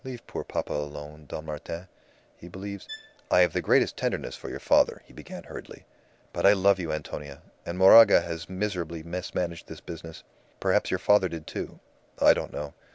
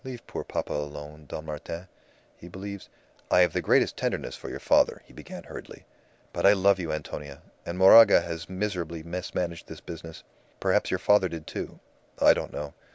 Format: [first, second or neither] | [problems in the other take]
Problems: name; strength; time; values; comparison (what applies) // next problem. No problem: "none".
second | background sound (Bowed string instrument); 19 dB below the speech